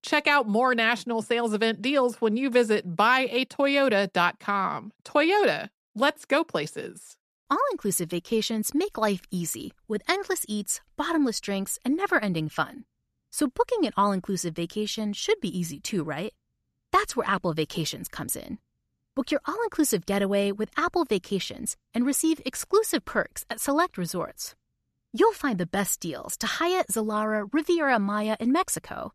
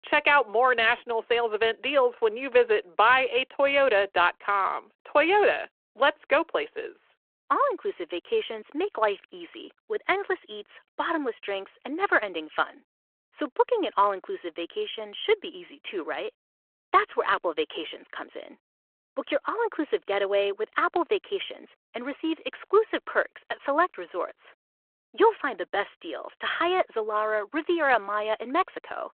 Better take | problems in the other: first | phone-call audio

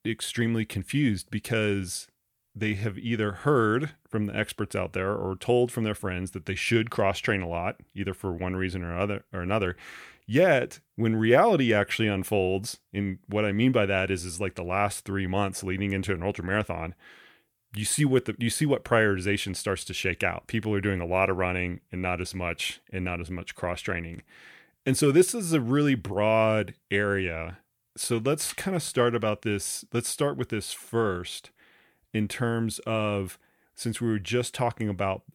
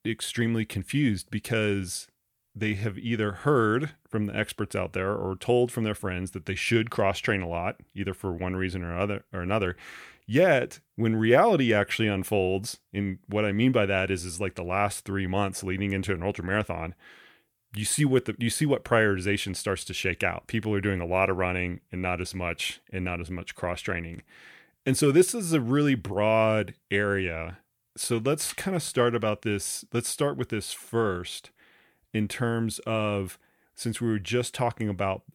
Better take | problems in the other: neither | none

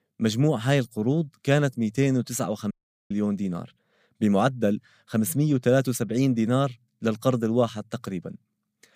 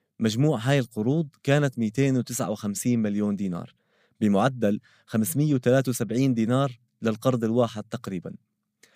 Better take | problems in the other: second | audio cutting out; at 2.5 s

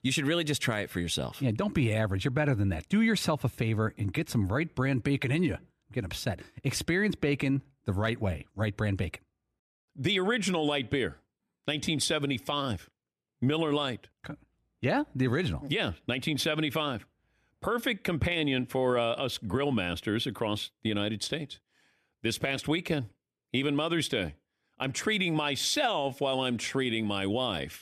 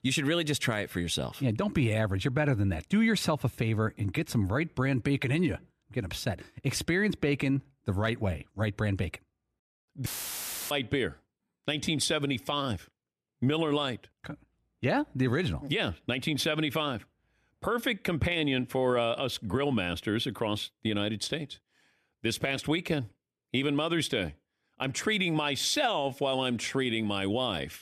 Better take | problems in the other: first | audio cutting out; filled with static; at 10 s for 0.5 s

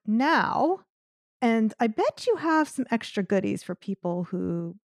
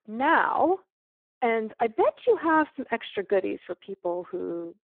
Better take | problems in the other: first | phone-call audio; poor line

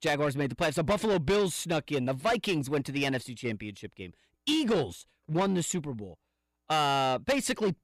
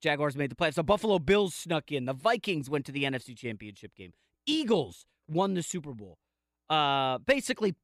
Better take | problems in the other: second | distortion; heavy; 8 dB below the speech

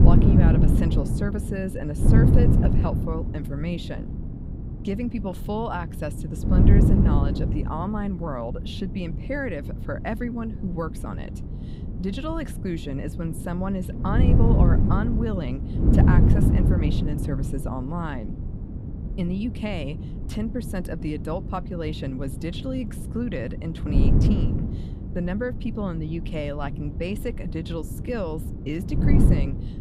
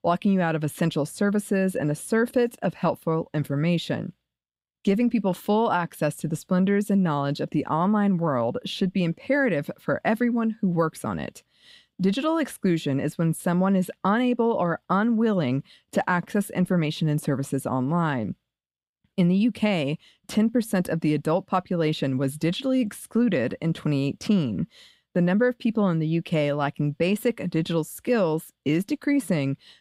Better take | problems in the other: second | wind noise on the microphone; heavy; 2 dB below the speech

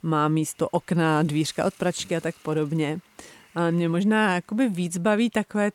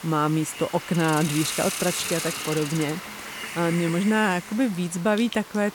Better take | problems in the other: first | hiss; loud; throughout; 7 dB below the speech; faint in the first

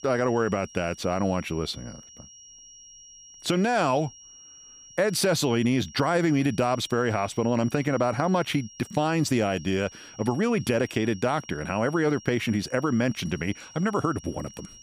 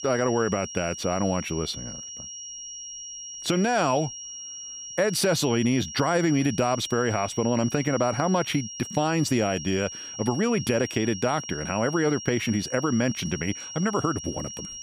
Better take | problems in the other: first | high-pitched whine; loud; throughout; 5.5 kHz, 10 dB below the speech; faint in the first

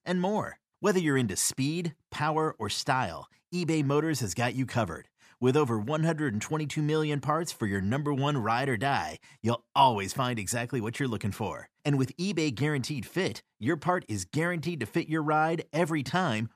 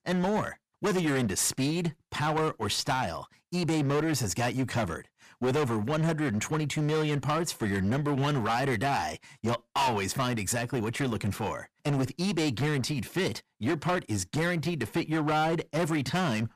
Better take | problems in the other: first | distortion; heavy; 17% of the sound clipped

